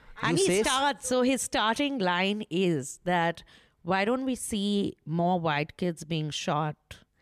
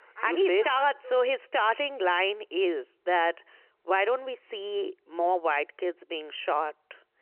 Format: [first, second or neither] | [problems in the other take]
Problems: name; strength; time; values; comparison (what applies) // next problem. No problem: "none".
first | phone-call audio; nothing above 3 kHz